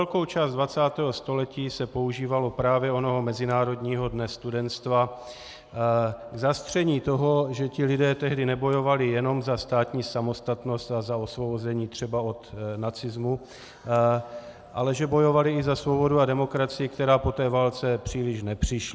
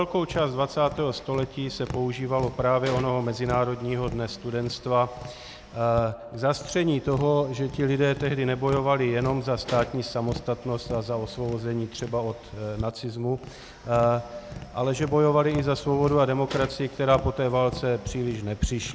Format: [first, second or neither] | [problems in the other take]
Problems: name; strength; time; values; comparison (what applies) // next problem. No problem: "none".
first | background sound (Tap); 14 dB below the speech